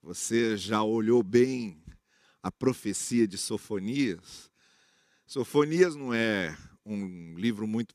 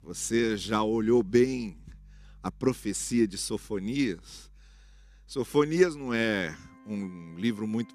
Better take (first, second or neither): first